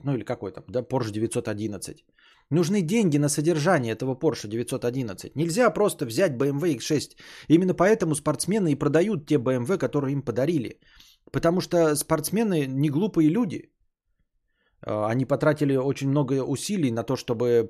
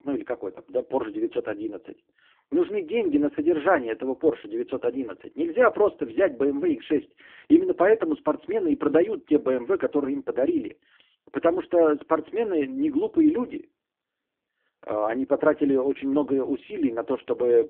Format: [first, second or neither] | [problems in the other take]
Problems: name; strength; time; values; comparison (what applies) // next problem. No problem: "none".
first | phone-call audio; poor line